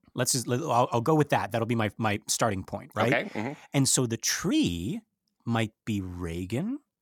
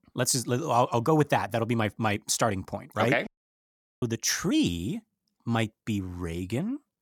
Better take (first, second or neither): first